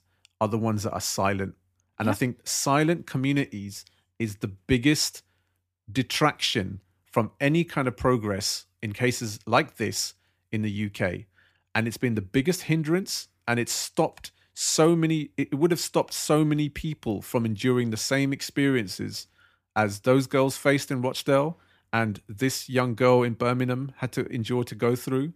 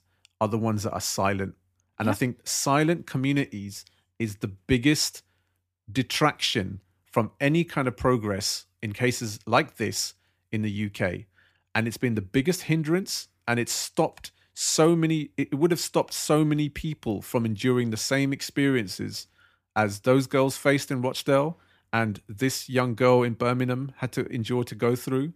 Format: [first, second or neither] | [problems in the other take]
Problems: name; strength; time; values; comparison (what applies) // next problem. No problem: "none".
neither | none